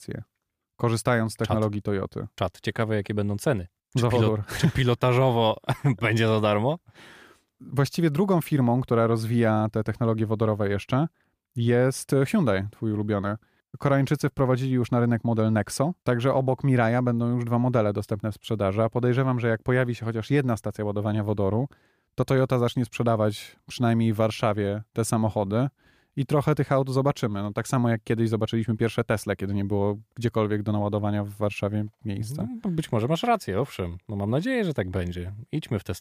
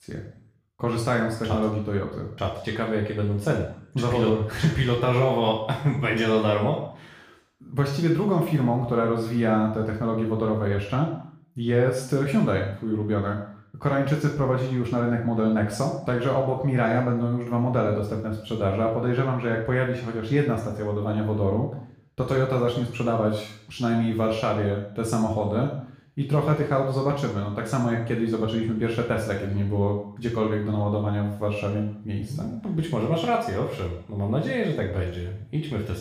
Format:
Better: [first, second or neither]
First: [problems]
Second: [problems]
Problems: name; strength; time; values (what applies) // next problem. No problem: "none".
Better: first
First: none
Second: room echo; noticeable; dies away in 0.6 s // off-mic speech; far